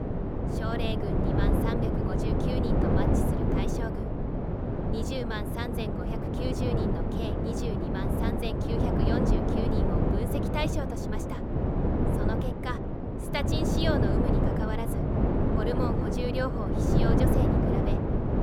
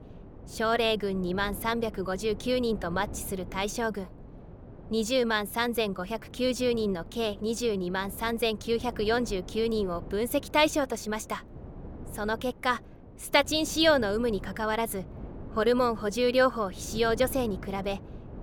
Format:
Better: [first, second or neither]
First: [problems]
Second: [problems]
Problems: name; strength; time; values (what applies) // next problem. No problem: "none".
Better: second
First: wind noise on the microphone; heavy; 3 dB above the speech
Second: wind noise on the microphone; occasional gusts; 20 dB below the speech